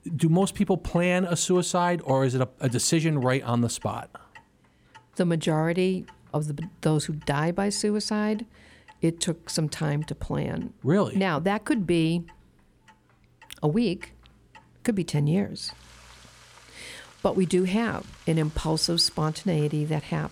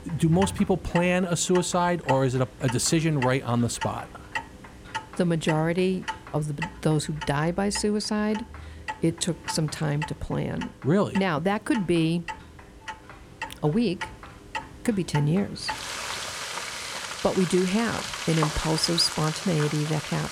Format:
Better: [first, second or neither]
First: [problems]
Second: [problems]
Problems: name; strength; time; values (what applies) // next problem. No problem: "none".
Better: first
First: household noises; faint; throughout; 30 dB below the speech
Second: household noises; loud; throughout; 9 dB below the speech